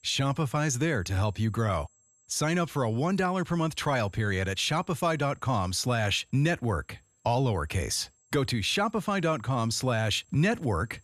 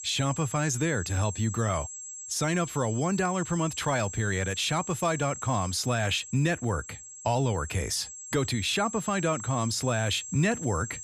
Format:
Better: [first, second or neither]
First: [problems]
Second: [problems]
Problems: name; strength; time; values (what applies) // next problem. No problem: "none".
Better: first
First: high-pitched whine; faint; throughout; 7.5 kHz, 35 dB below the speech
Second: high-pitched whine; loud; throughout; 7.5 kHz, 10 dB below the speech